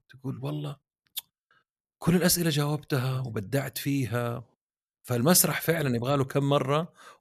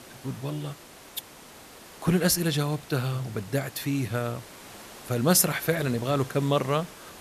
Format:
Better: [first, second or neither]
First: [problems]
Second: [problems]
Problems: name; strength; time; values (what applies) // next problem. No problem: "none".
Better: first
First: none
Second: hiss; noticeable; throughout; 20 dB below the speech